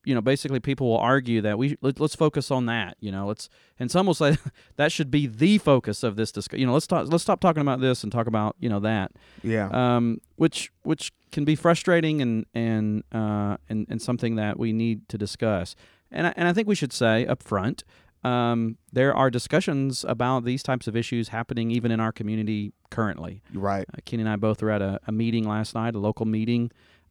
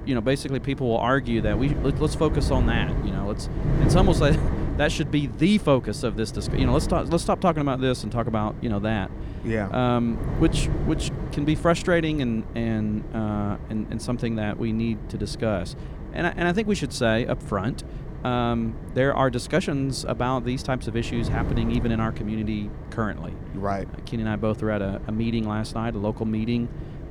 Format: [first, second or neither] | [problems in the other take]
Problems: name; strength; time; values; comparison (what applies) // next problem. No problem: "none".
first | wind noise on the microphone; occasional gusts; 10 dB below the speech